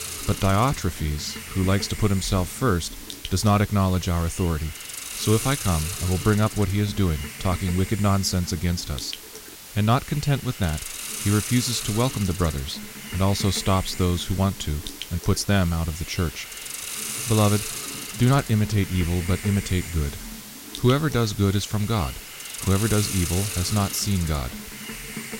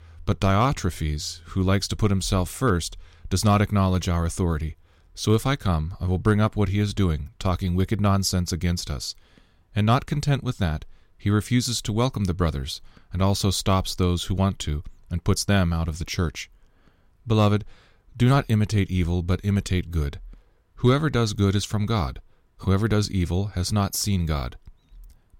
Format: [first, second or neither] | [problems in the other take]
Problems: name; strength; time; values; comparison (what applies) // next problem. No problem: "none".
second | hiss; loud; throughout; 9 dB below the speech